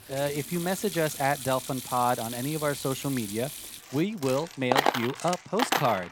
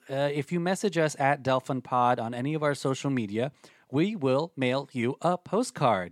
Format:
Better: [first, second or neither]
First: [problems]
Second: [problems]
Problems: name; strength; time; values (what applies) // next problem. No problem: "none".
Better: second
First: household noises; loud; throughout; 3 dB below the speech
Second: none